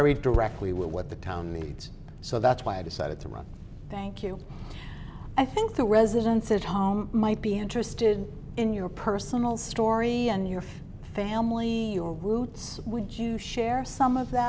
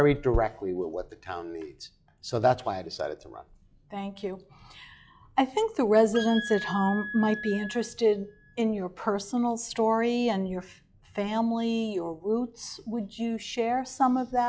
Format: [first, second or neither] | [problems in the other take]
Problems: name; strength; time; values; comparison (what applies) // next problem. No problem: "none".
first | noise reduction (classical method log-MMSE)